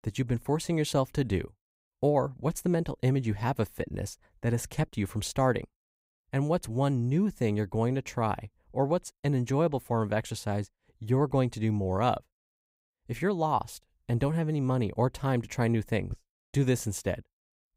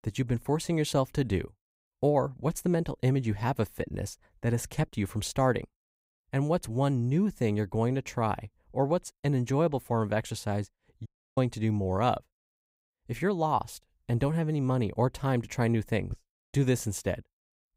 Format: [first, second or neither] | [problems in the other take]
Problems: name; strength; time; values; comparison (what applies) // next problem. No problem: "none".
first | audio cutting out; at 11 s